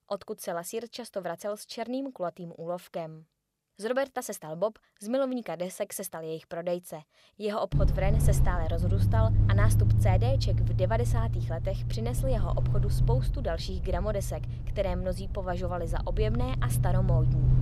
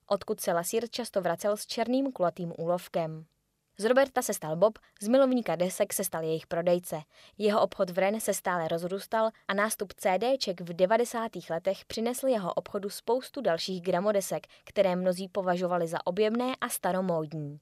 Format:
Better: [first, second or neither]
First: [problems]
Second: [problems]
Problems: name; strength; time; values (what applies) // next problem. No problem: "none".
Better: second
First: low rumble; loud; from 7.5 s on; 8 dB below the speech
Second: none